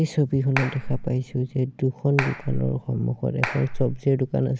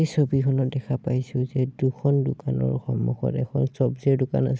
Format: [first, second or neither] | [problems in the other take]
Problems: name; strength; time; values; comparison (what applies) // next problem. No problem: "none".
second | background sound (Clapping); 7 dB below the speech